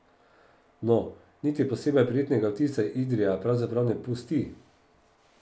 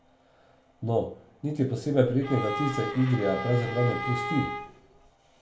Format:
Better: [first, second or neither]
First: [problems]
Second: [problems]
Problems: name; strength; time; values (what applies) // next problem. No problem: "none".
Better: first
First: none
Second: background sound (Bowed string instrument); 6 dB below the speech // room echo; dies away in 0.3 s